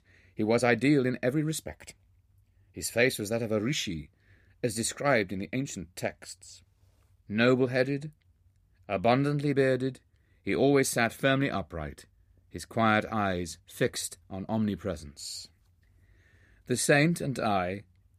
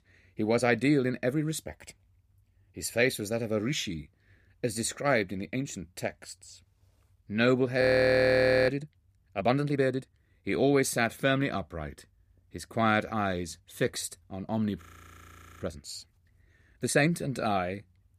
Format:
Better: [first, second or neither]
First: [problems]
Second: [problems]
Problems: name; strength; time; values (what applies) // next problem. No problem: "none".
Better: first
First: none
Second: audio freezing; at 8 s for 1 s and at 15 s for 1 s